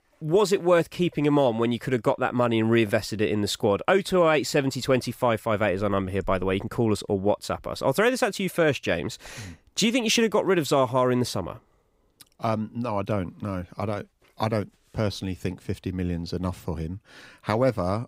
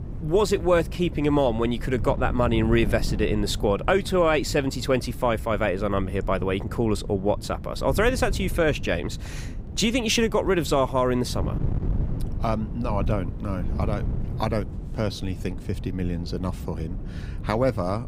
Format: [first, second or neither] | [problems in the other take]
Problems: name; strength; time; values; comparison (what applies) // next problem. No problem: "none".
first | wind noise on the microphone; occasional gusts; 20 dB below the speech